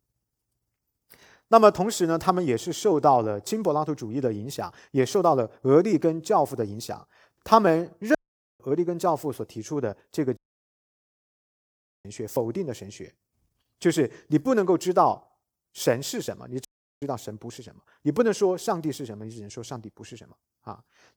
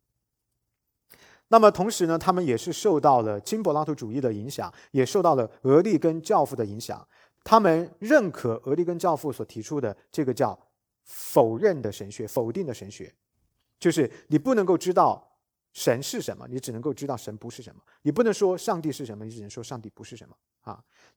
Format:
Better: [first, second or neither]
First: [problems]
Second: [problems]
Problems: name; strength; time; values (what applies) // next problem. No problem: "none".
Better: second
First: audio cutting out; at 8 s, at 10 s for 1.5 s and at 17 s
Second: none